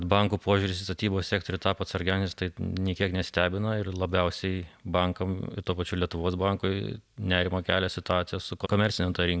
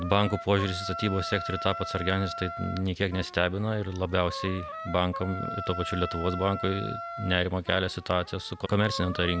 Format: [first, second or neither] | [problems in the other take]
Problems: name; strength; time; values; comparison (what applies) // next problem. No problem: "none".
first | background sound (Wind instrument, woodwind instrument); 10 dB below the speech